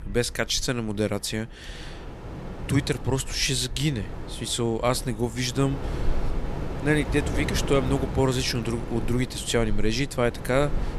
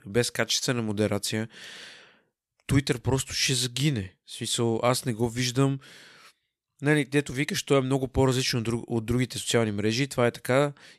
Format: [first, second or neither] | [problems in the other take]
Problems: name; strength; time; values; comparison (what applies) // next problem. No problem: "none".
second | wind in the background; loud; throughout; 9 dB below the speech